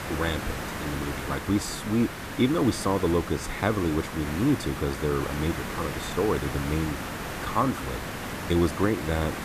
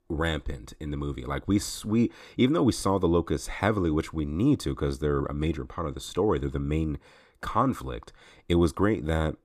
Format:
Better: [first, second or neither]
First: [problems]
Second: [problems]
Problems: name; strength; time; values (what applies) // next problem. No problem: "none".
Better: second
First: hiss; loud; throughout; 6 dB below the speech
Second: none